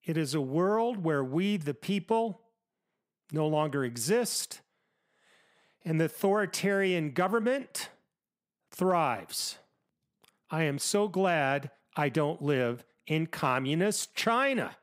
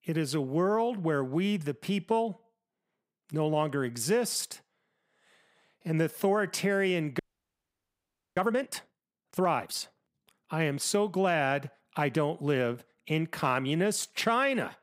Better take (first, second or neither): first